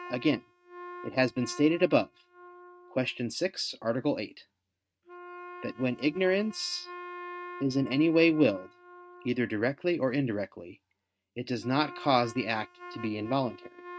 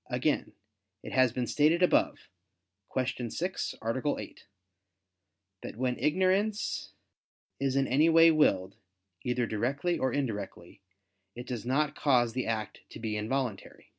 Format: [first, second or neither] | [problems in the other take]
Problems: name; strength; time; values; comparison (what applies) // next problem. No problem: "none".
second | noise reduction (neural mask model RNNoise)